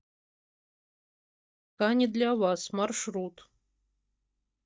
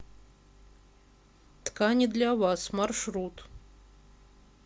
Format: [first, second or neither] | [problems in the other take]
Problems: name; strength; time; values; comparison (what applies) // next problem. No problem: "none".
second | noise reduction (neural mask model DeepFilterNet 3)